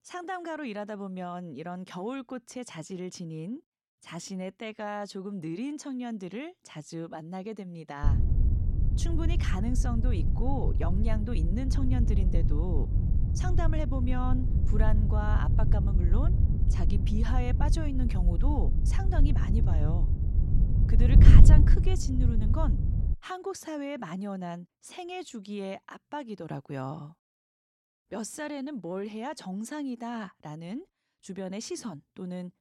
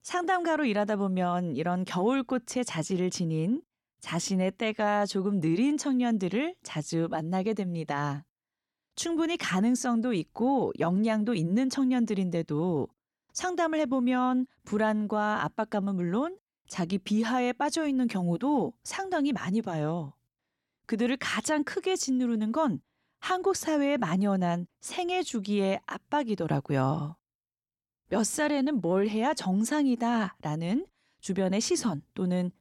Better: second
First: wind noise on the microphone; heavy; from 8 to 23 s; 3 dB below the speech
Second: none

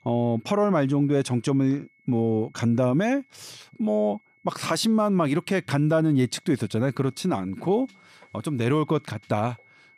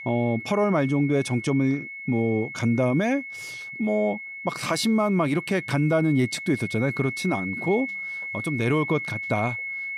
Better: first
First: high-pitched whine; faint; throughout; 2 kHz, 35 dB below the speech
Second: high-pitched whine; loud; throughout; 2 kHz, 8 dB below the speech

